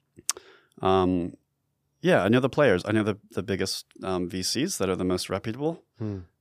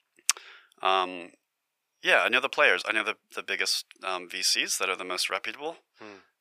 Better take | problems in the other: first | thin; very; fading below 800 Hz

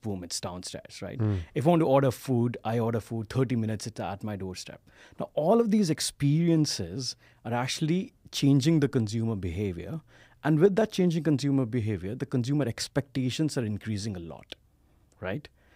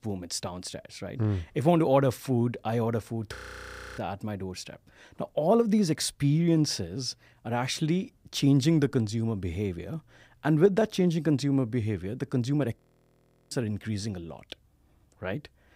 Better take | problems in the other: first | audio freezing; at 3.5 s for 0.5 s and at 13 s for 0.5 s

